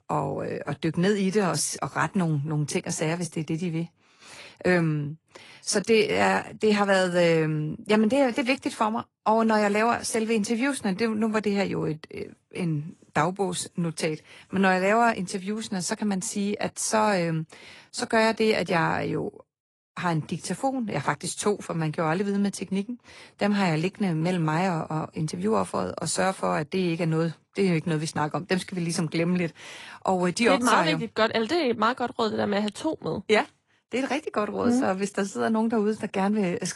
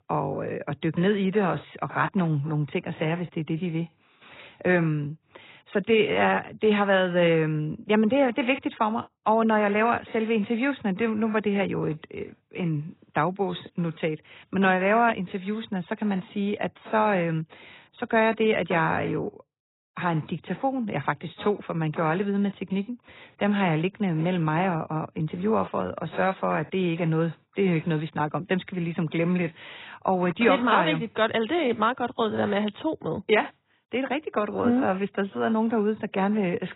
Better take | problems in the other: first | garbled, watery; badly; nothing above 4 kHz; slightly in the first

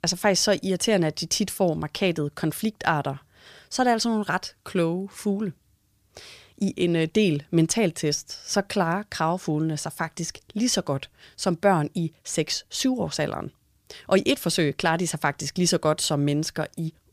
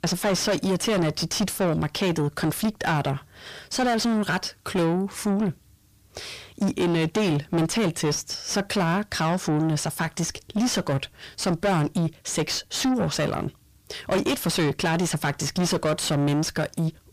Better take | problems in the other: first | distortion; heavy; 5 dB below the speech

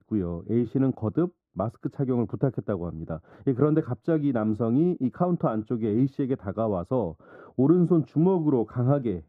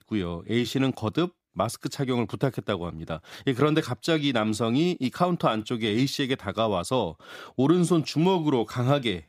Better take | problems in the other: second | muffled; very; fading above 1.5 kHz

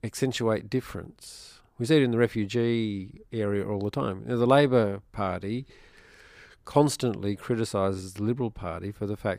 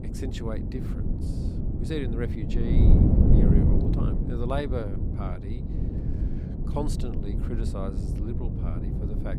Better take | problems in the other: first | wind noise on the microphone; heavy; 1 dB above the speech

